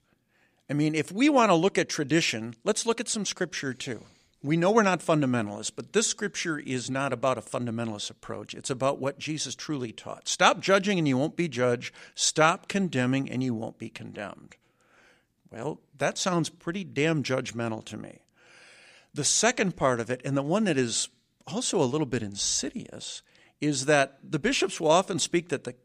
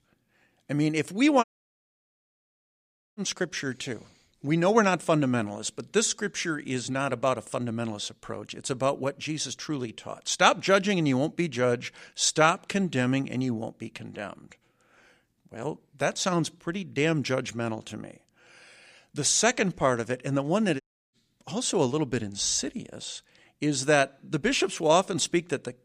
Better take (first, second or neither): first